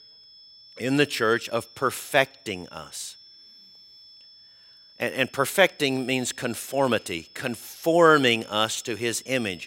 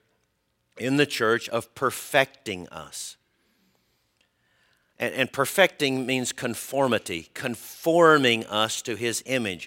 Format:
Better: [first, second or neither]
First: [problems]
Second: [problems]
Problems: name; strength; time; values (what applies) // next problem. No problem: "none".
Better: second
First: high-pitched whine; faint; throughout; 5.5 kHz, 25 dB below the speech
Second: none